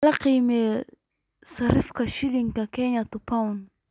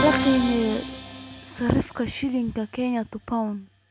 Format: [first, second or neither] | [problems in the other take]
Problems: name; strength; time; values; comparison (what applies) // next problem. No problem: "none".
first | background sound (Musical instrument); 7 dB below the speech